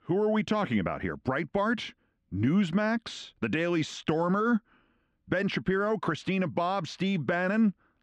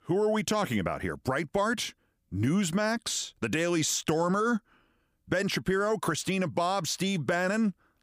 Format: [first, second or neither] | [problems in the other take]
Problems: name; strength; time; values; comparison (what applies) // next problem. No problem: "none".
second | muffled; slightly; fading above 2.5 kHz